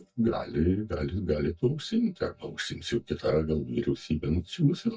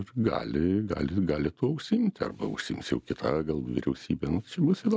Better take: second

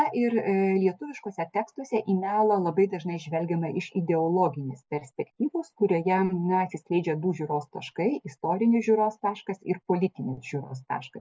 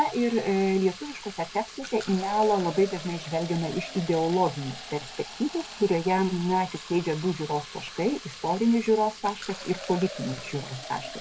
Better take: first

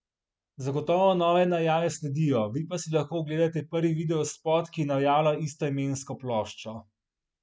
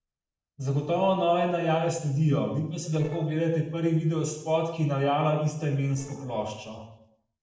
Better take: first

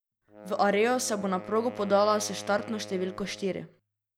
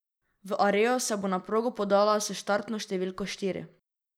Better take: second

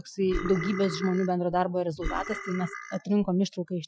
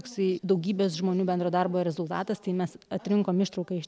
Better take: second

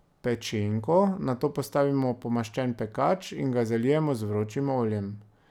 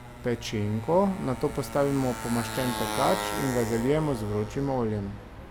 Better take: first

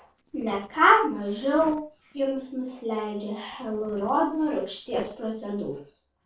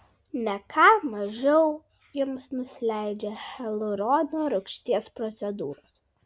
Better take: second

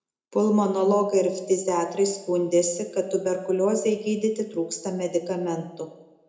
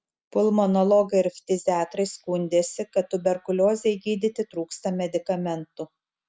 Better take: second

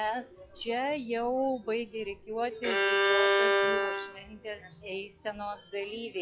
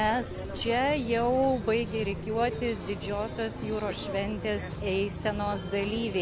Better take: second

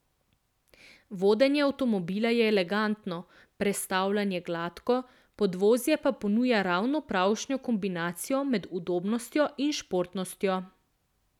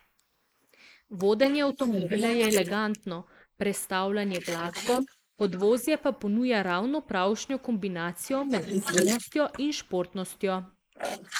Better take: first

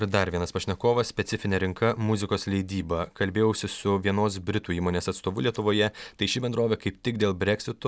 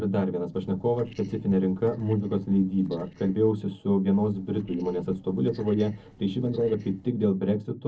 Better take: first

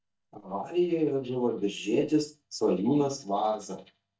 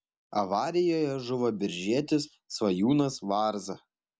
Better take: second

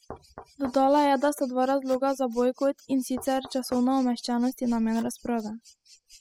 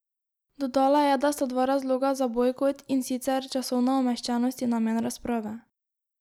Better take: second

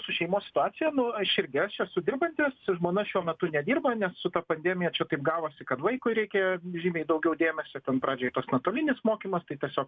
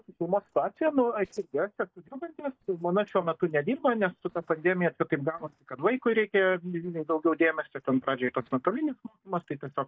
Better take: first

